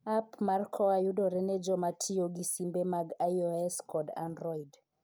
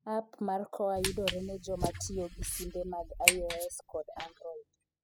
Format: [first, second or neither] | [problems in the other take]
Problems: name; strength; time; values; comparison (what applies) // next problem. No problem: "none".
first | noise reduction (classical method spectral subtraction)